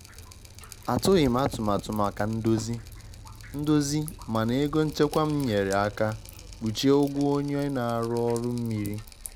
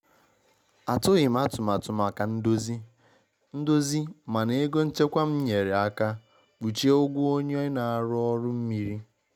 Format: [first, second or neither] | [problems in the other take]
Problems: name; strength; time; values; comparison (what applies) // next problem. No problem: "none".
second | background sound (Engine starting / Car + Drip); 17 dB below the speech